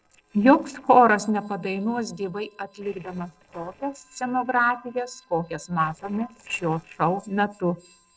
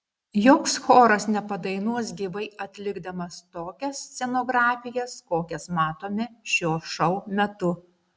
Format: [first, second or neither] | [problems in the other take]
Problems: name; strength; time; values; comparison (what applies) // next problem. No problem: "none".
second | noise reduction (neural separator model SepFormer DNS4)